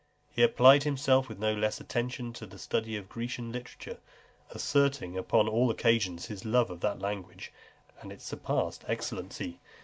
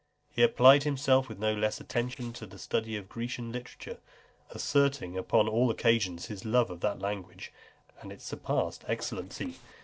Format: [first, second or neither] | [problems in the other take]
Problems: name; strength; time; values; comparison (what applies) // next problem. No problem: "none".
first | noise reduction (neural separator model SepFormer DNS4)